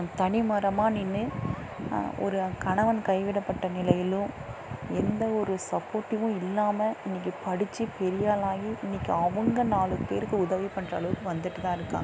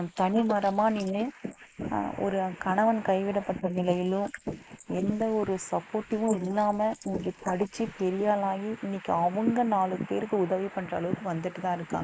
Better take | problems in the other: first | noise reduction (neural mask model Resemble Enhance denoiser)

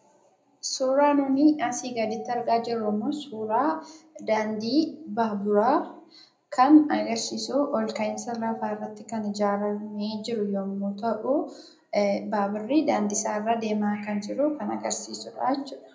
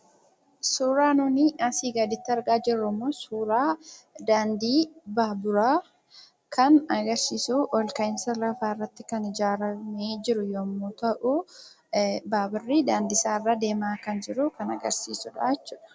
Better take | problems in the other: second | room echo; dies away in 0.5 s

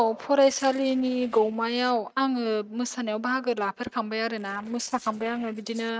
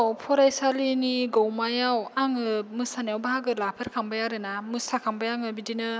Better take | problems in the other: second | noise reduction (neural mask model RNNoise)

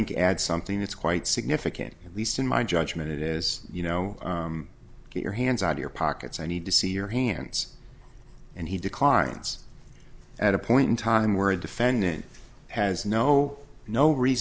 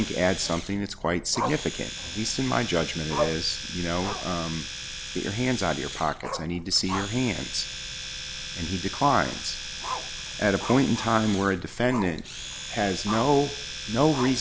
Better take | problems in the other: first | background sound (Domestic sounds, home sounds + Growling); 8 dB below the speech

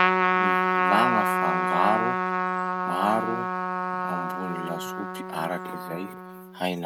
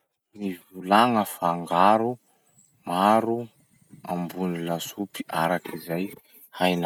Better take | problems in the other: second | background sound (Trumpet); 5 dB above the speech

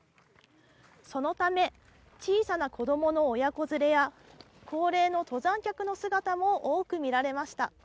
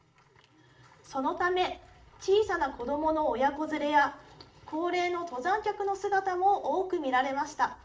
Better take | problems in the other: first | room echo; dies away in 0.4 s

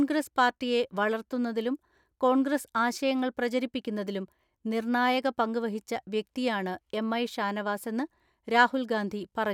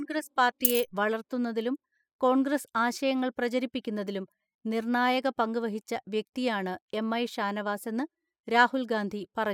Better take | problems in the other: first | noise reduction (classical method spectral subtraction)

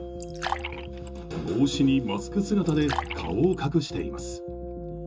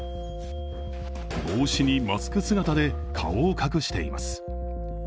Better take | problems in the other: second | background sound (Fill (with liquid)); 11 dB below the speech // room echo; dies away in 0.2 s

